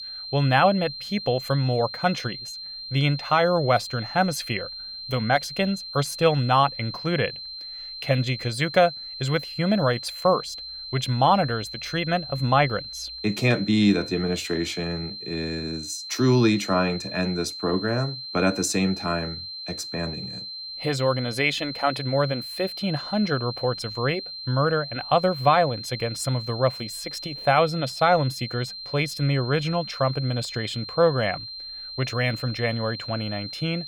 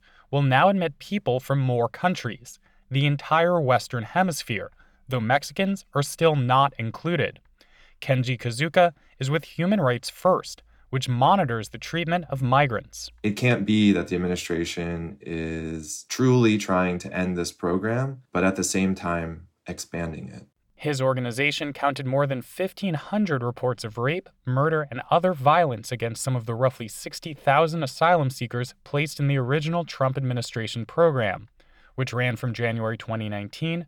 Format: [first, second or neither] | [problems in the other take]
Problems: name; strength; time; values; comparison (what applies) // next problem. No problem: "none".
second | high-pitched whine; loud; throughout; 4 kHz, 9 dB below the speech